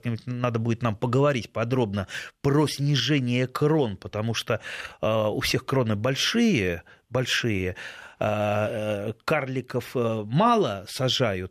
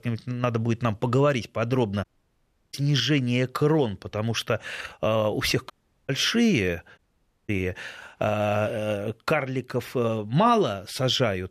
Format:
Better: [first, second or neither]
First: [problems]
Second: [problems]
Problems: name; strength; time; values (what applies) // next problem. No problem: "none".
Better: first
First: none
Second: audio cutting out; at 2 s for 0.5 s, at 5.5 s and at 7 s for 0.5 s